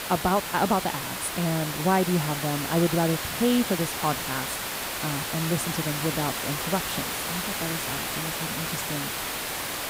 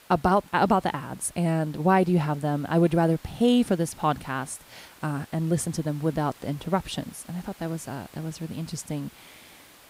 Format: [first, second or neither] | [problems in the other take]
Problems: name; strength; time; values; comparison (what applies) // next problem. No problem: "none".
second | hiss; loud; throughout; 1 dB below the speech; faint in the second